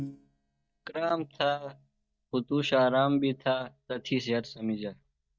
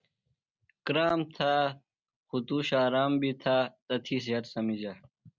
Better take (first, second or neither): second